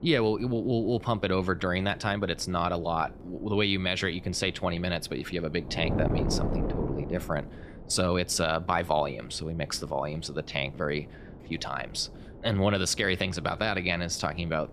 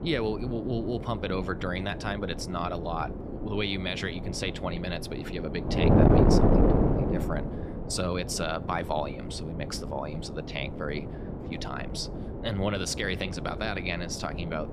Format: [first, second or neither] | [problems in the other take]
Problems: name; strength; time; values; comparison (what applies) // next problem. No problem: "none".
first | wind noise on the microphone; heavy; 2 dB below the speech; occasional gusts in the first